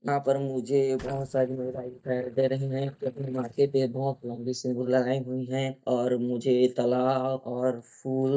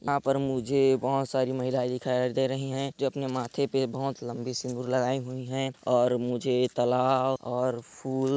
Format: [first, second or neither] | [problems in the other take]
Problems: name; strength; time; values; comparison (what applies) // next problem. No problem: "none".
second | noise reduction (neural mask model DeepFilterNet 3)